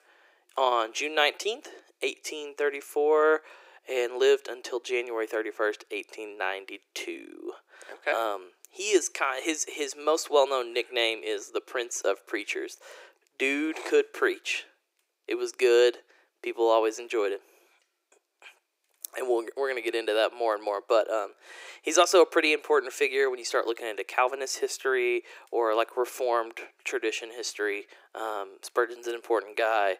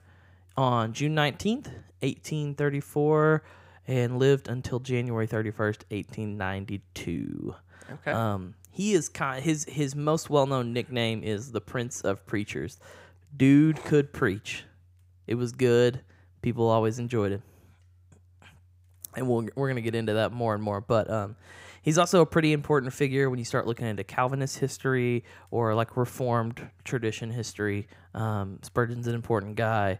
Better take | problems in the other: second | thin; very; fading below 350 Hz

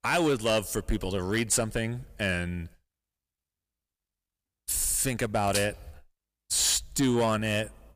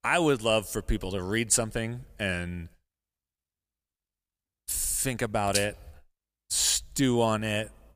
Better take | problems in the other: second | distortion; slight; 10 dB below the speech

